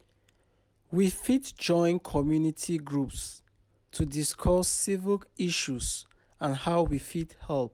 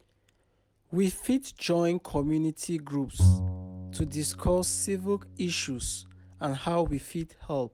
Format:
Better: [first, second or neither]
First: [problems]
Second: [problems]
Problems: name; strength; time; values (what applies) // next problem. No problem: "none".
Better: first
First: none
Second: background sound (Bowed string instrument); as loud as the speech